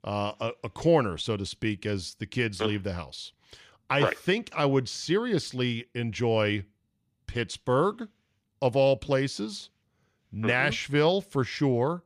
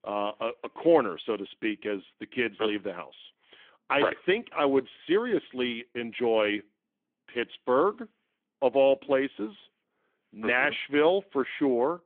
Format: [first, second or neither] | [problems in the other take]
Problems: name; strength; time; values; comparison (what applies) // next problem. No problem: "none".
first | phone-call audio; nothing above 3.5 kHz